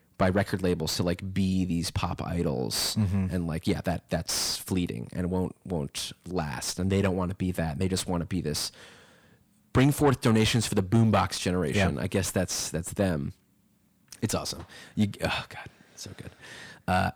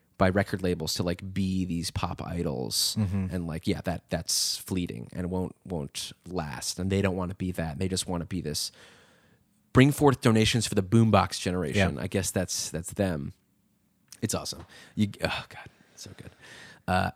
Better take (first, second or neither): second